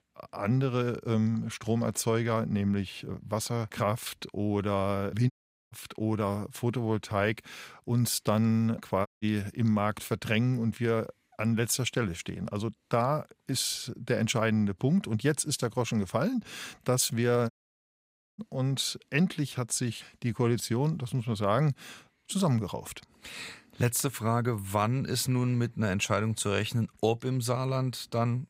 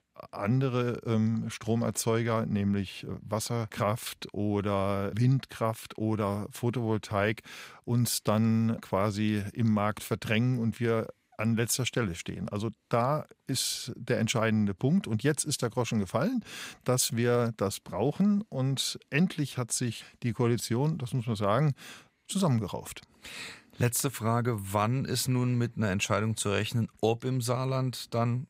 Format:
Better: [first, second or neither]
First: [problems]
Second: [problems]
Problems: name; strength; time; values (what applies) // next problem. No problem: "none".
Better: second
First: audio cutting out; at 5.5 s, at 9 s and at 18 s for 1 s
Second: none